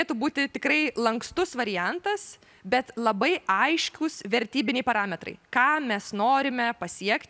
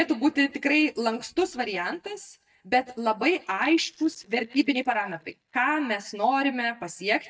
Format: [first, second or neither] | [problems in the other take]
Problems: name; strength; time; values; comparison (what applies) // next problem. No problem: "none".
first | noise reduction (neural mask model DeepFilterNet 3)